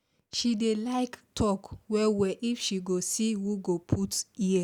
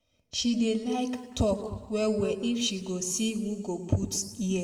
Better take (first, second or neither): first